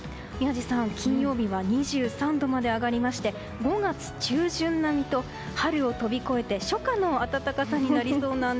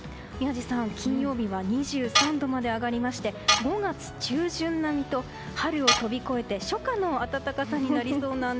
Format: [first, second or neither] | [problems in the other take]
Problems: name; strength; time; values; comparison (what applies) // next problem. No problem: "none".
first | background sound (Tools); as loud as the speech